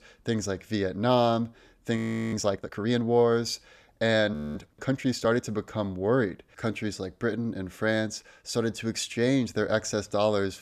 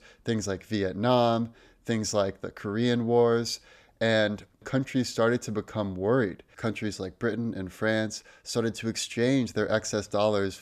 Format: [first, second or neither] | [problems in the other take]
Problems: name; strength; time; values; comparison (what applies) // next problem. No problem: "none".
second | audio freezing; at 2 s and at 4.5 s